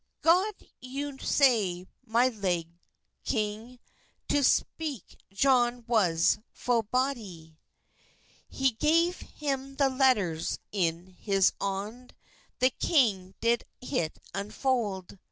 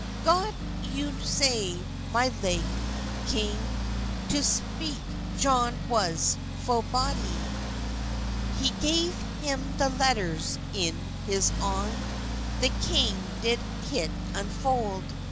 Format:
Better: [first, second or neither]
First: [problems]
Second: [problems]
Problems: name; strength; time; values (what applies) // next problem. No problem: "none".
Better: first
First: none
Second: background sound (Accelerating, revving, vroom); 2 dB below the speech